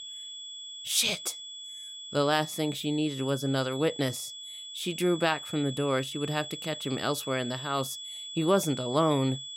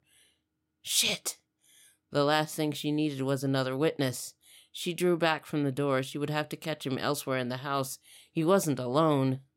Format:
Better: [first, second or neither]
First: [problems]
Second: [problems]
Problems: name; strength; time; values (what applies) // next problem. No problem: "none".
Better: second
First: high-pitched whine; loud; throughout; 3.5 kHz, 9 dB below the speech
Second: none